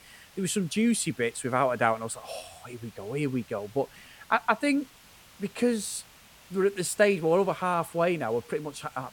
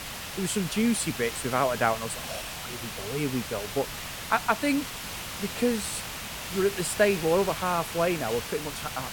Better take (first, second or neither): first